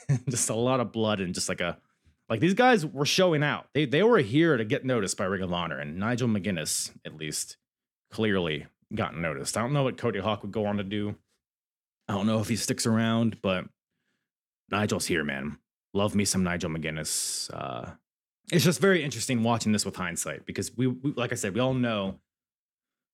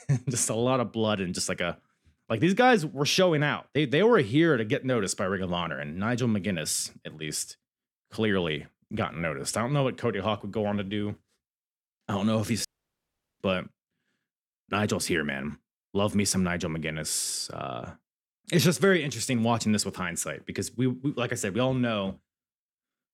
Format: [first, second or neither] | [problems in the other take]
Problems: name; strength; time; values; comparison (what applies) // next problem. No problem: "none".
first | audio cutting out; at 13 s for 1 s